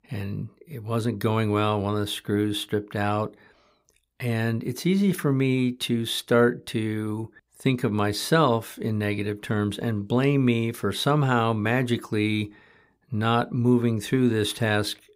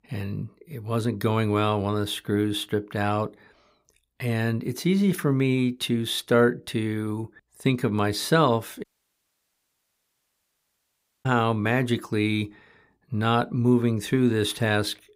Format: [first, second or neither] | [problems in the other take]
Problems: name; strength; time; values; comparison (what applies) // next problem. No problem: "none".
first | audio cutting out; at 9 s for 2.5 s